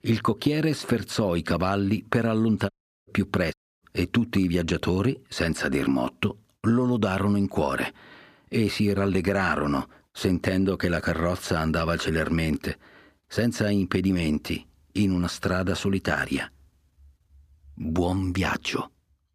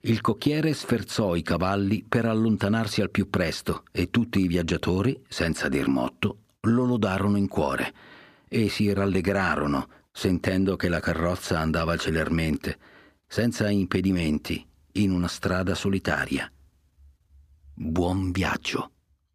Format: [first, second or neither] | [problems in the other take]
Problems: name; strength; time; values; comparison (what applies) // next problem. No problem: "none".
second | audio cutting out; at 2.5 s and at 3.5 s